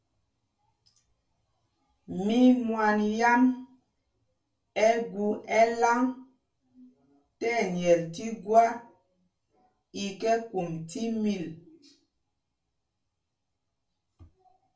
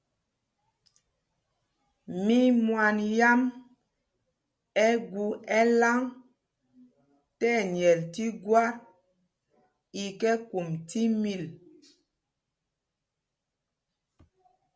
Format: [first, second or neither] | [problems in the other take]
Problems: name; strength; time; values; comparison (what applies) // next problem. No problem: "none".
second | room echo; dies away in 0.2 s